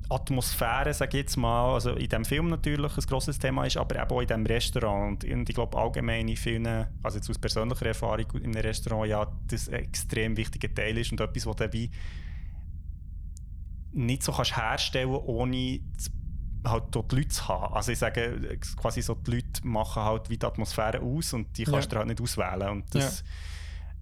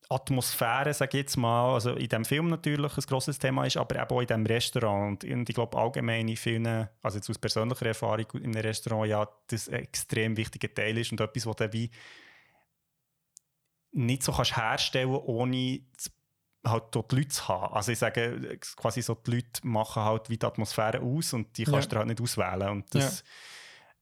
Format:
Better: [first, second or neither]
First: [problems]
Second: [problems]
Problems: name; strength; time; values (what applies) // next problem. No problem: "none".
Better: second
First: low rumble; faint; throughout; 25 dB below the speech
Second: none